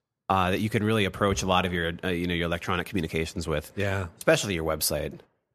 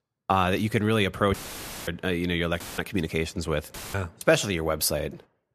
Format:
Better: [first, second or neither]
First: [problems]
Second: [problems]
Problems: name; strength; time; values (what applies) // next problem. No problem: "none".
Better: first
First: none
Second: audio cutting out; filled with static; at 1.5 s for 0.5 s, at 2.5 s and at 3.5 s